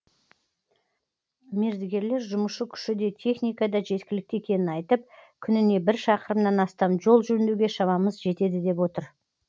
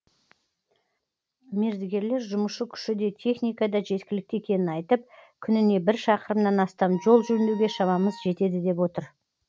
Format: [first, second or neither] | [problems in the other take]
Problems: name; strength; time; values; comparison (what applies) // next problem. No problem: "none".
first | background sound (Wind instrument, woodwind instrument); 19 dB below the speech